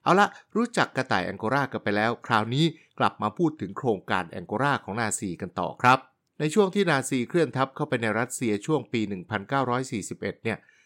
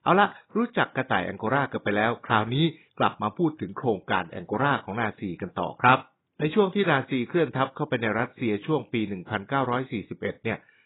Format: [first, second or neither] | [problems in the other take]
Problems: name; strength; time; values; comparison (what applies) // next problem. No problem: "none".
first | garbled, watery; badly; nothing above 4 kHz